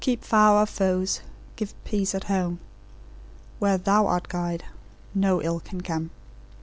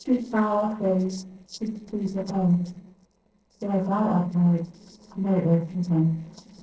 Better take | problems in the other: first | noise reduction (neural separator model SepFormer DNS4)

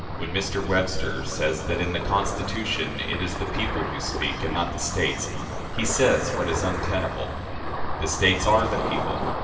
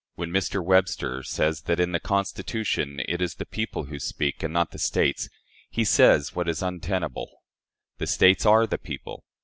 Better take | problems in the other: second | background sound (Ocean); 3 dB below the speech // room echo; dies away in 2.5 s

